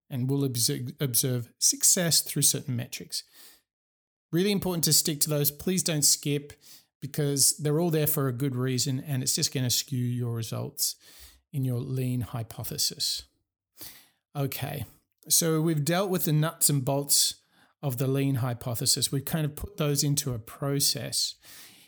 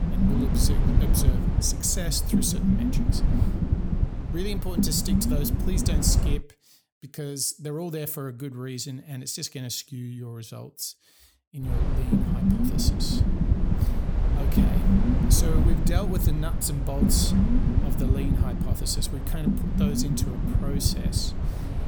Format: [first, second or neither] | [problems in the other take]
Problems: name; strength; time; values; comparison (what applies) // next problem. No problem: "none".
first | low rumble; loud; until 6.5 s and from 12 s on; 2 dB below the speech